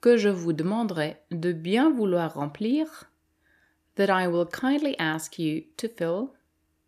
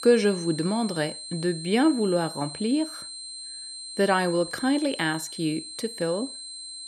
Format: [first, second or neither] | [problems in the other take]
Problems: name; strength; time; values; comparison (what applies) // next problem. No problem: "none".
first | high-pitched whine; loud; throughout; 4 kHz, 10 dB below the speech